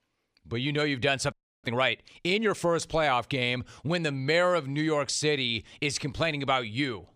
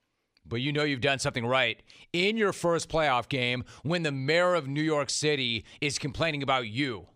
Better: second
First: audio freezing; at 1.5 s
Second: none

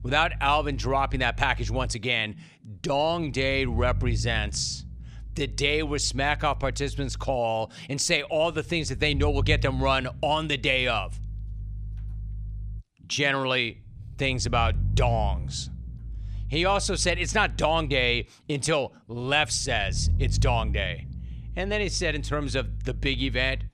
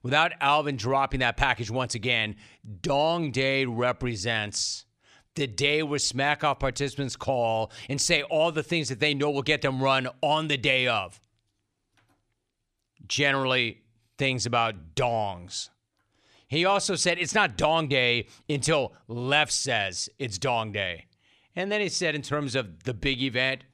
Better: second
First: low rumble; faint; throughout; 25 dB below the speech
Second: none

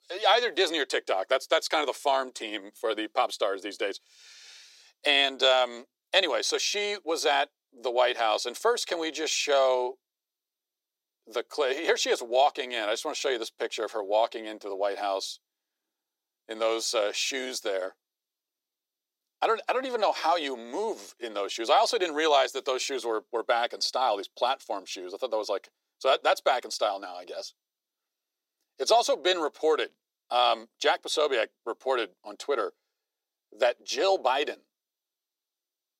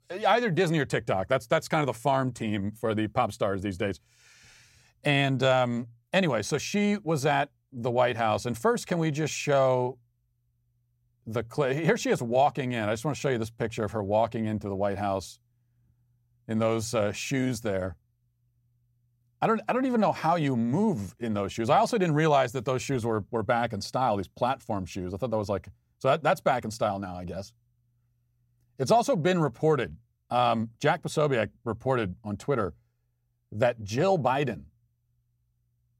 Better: second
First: thin; very; fading below 350 Hz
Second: none

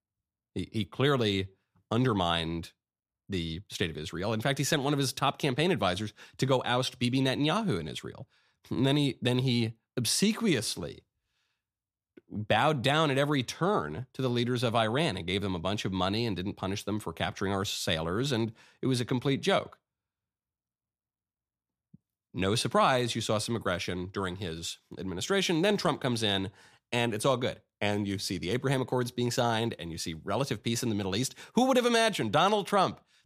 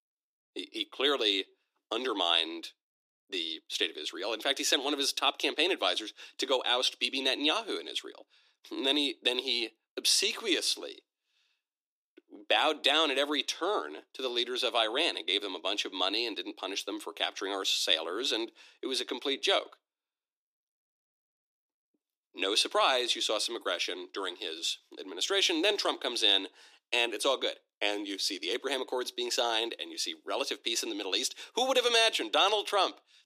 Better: first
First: none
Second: thin; somewhat; fading below 300 Hz

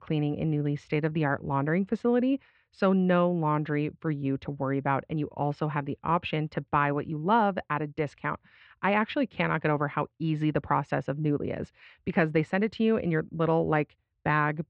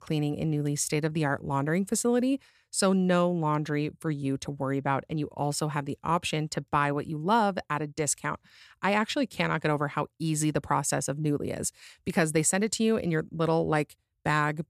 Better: second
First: muffled; very; fading above 3 kHz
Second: none

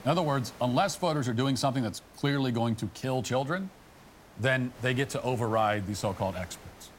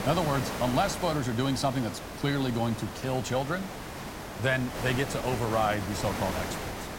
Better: first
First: hiss; faint; throughout; 20 dB below the speech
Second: hiss; loud; throughout; 6 dB below the speech

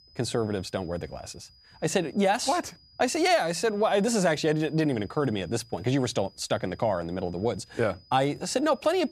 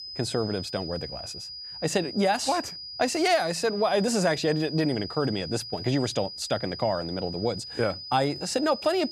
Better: first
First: high-pitched whine; faint; throughout; 5 kHz, 30 dB below the speech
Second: high-pitched whine; loud; throughout; 5 kHz, 9 dB below the speech

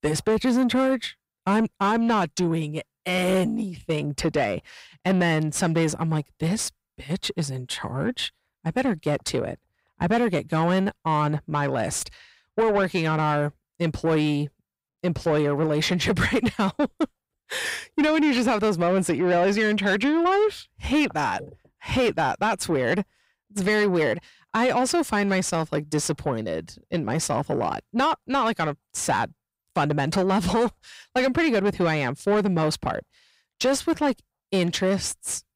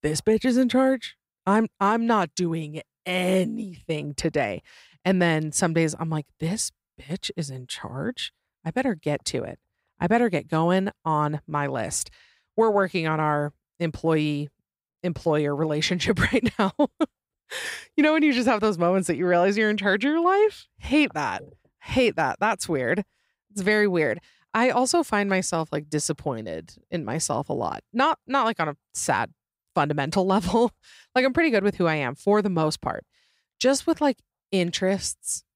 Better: second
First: distortion; slight; 10 dB below the speech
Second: none

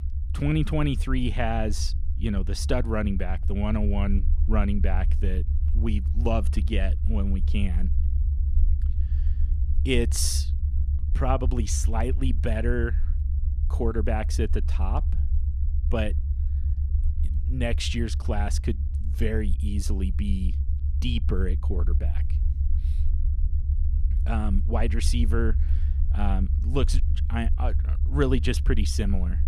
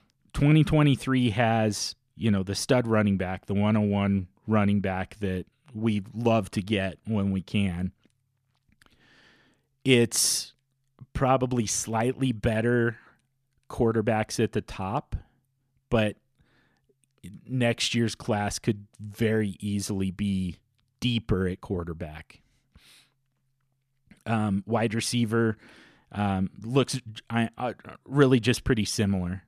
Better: second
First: low rumble; noticeable; throughout; 15 dB below the speech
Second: none

